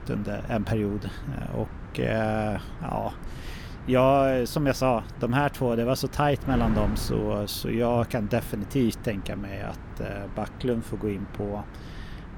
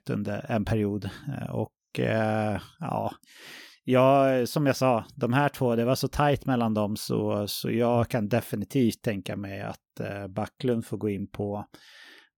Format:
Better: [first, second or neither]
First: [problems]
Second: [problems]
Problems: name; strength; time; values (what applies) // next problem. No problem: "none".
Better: second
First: wind noise on the microphone; occasional gusts; 15 dB below the speech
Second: none